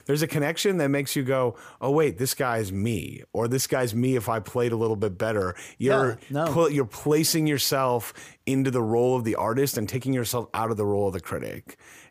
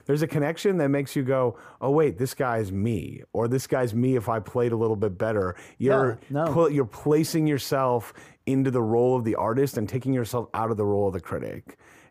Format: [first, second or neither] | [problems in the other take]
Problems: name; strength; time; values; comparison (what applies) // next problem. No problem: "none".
first | muffled; slightly; fading above 2 kHz